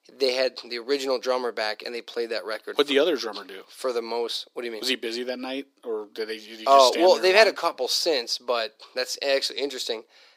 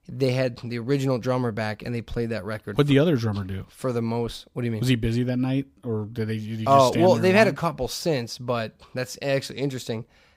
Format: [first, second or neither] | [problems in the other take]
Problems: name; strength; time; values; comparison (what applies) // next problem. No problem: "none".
second | thin; very; fading below 350 Hz